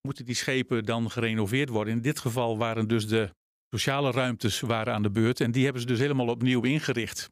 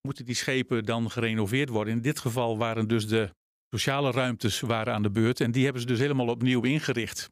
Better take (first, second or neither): neither